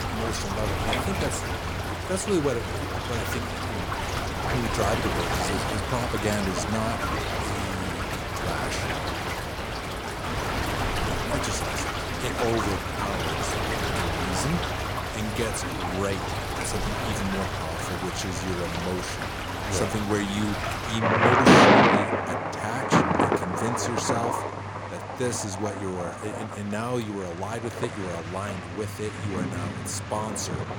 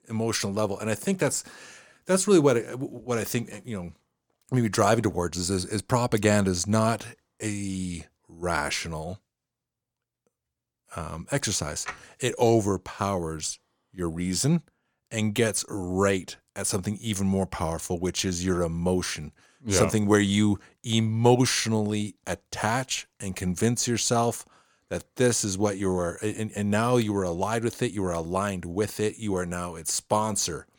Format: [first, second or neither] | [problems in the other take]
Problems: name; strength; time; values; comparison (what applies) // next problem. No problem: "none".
second | rain or running water; very loud; throughout; 5 dB above the speech